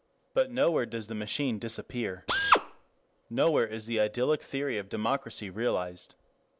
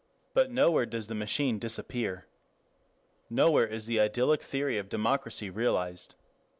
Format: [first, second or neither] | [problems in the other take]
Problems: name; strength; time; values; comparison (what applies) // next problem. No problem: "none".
second | background sound (Drill); 4 dB above the speech